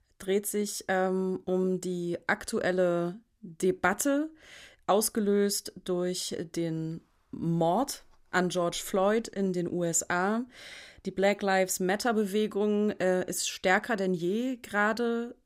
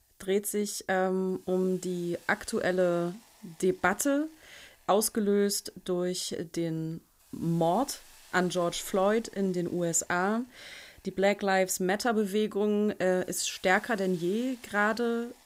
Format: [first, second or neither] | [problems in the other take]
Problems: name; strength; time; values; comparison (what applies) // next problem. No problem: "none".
first | hiss; faint; throughout; 25 dB below the speech